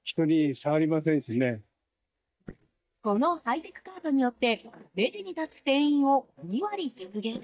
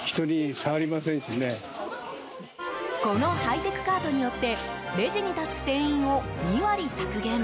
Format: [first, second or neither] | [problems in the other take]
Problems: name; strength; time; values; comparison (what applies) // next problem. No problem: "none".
second | noise reduction (neural mask model DeepFilterNet 3)